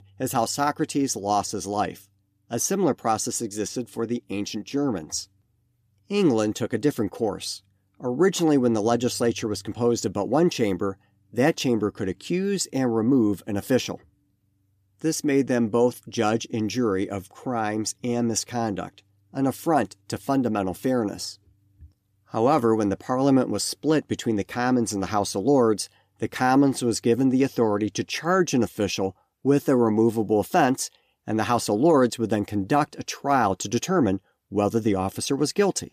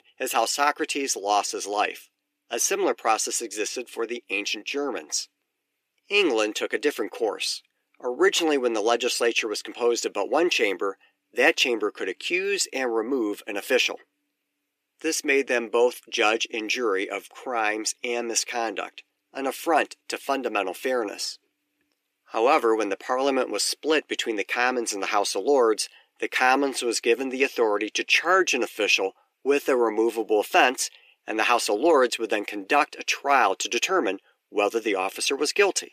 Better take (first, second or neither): first